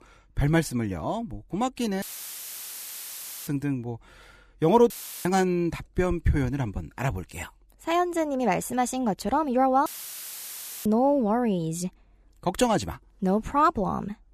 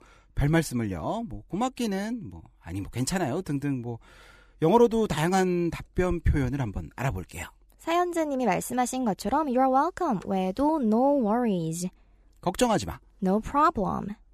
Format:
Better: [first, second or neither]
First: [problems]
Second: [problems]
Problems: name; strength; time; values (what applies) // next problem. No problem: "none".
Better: second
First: audio cutting out; filled with static; at 2 s for 1.5 s, at 5 s and at 10 s for 1 s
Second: none